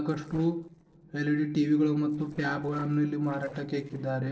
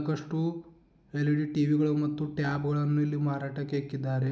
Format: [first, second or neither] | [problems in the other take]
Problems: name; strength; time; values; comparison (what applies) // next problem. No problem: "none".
second | noise reduction (neural separator model SepFormer DNS4)